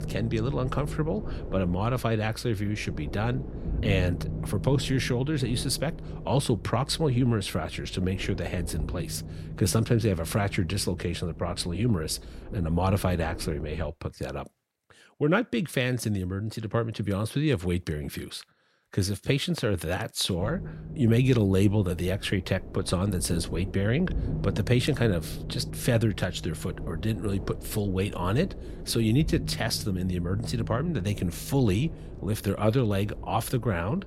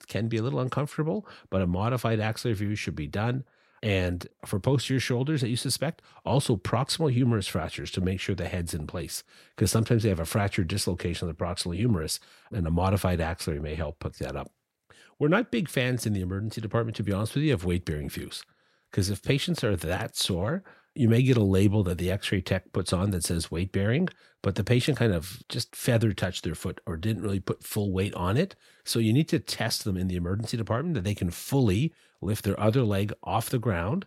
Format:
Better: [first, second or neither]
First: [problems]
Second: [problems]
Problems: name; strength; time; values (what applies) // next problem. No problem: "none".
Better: second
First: low rumble; noticeable; until 14 s and from 20 s on; 15 dB below the speech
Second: none